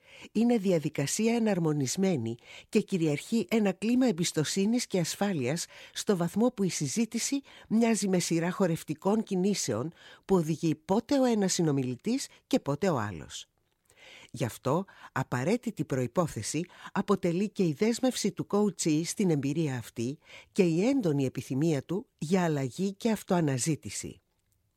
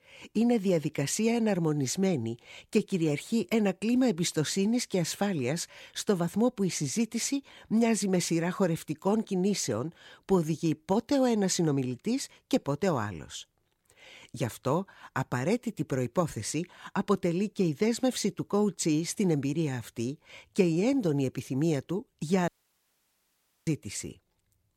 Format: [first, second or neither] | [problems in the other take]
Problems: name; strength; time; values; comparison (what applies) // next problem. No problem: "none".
first | audio cutting out; at 22 s for 1 s